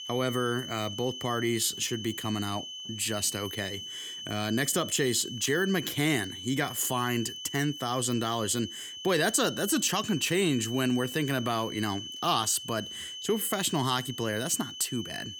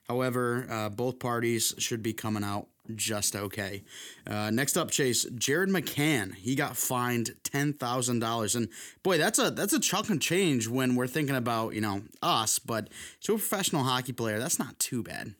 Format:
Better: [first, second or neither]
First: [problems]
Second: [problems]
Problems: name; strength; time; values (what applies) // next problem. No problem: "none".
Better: second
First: high-pitched whine; loud; throughout; 3 kHz, 9 dB below the speech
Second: none